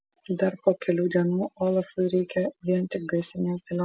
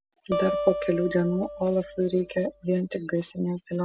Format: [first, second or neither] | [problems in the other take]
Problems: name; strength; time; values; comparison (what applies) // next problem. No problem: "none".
first | background sound (Acoustic guitar); 7 dB below the speech